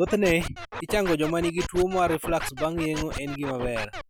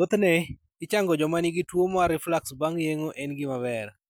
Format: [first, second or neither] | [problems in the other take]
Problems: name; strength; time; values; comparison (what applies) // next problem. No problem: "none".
second | background sound (Scratching (performance technique)); 9 dB below the speech